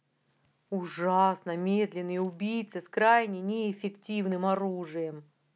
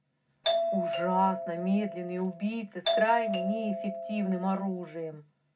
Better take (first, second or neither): first